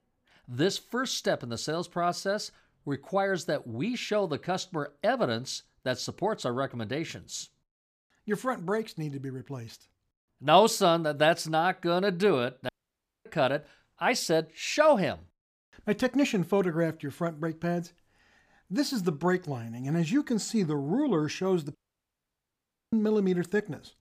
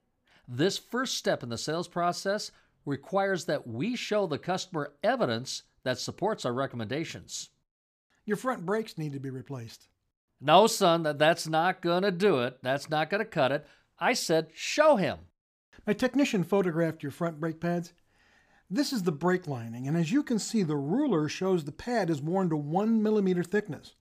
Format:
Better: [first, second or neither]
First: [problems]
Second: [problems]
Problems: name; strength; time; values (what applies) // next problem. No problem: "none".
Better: second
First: audio cutting out; at 13 s for 0.5 s and at 22 s for 1 s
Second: none